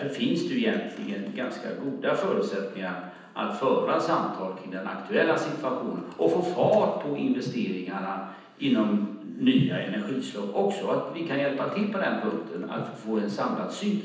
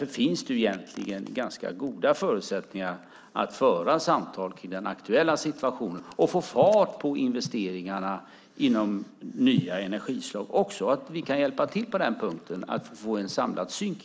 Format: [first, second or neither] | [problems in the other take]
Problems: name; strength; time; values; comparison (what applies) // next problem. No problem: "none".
second | room echo; dies away in 0.9 s